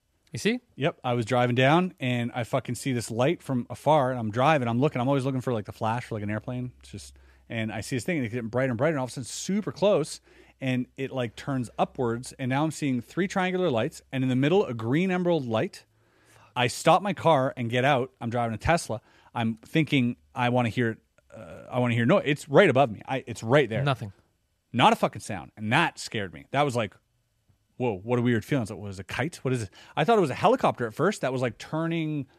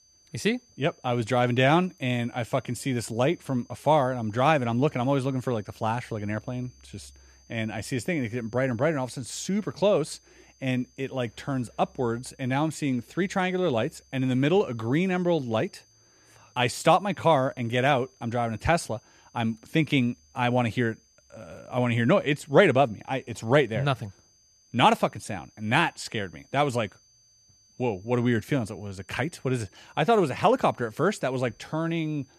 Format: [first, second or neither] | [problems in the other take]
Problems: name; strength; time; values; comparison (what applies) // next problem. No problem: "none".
first | high-pitched whine; faint; throughout; 6 kHz, 30 dB below the speech